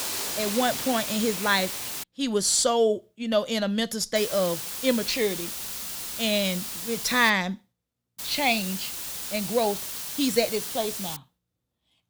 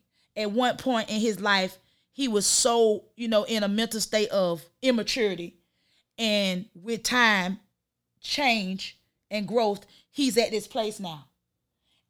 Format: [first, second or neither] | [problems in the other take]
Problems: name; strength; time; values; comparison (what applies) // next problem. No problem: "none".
second | hiss; loud; until 2 s, from 4 to 7.5 s and from 8 to 11 s; 6 dB below the speech